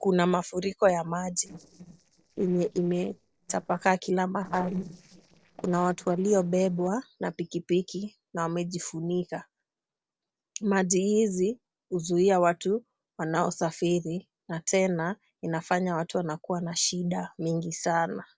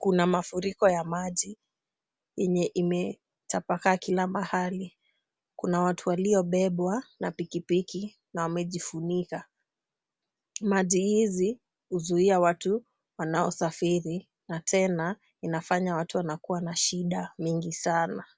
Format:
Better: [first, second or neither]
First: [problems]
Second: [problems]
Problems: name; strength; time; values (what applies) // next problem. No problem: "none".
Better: second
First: noise reduction (neural separator model SepFormer DNS4)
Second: none